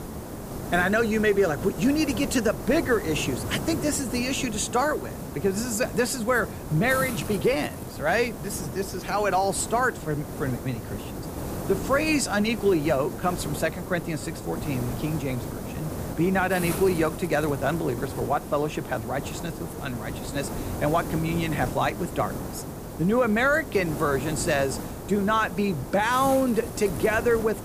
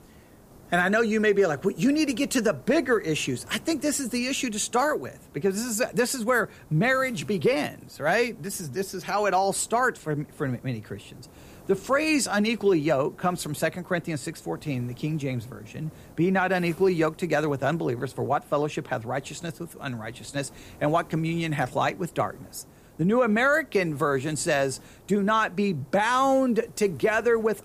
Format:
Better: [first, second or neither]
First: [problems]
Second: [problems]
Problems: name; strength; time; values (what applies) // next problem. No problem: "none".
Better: second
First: hiss; loud; throughout; 9 dB below the speech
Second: hiss; faint; throughout; 25 dB below the speech